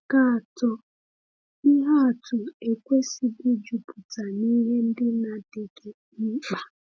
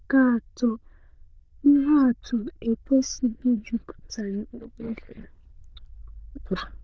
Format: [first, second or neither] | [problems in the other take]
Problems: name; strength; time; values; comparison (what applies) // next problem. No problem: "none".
first | noise reduction (neural diffusion model UNIVERSE++)